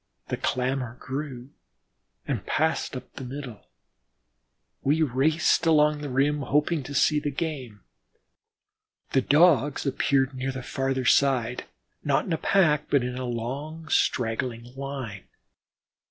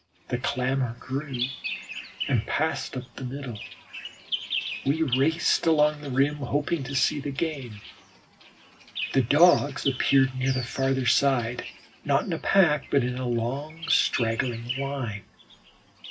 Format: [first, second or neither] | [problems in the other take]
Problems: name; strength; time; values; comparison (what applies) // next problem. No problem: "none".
first | background sound (Bird vocalization, bird call, bird song); 12 dB below the speech // room echo; dies away in 0.4 s